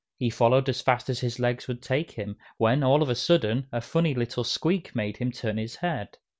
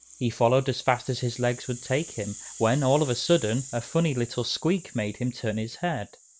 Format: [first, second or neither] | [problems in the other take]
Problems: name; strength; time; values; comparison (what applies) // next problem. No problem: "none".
first | background sound (Rattle (instrument)); 17 dB below the speech